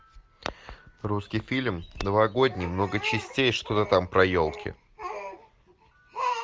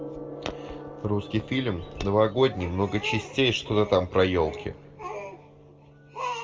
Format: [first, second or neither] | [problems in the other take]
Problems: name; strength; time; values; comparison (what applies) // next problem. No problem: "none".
first | background sound (Gong); 16 dB below the speech // room echo; dies away in 1 s